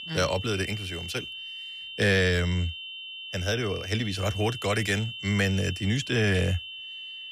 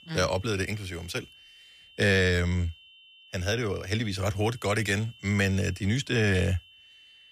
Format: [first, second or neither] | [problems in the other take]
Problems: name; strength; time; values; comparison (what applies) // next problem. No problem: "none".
second | high-pitched whine; loud; throughout; 3 kHz, 9 dB below the speech; faint in the second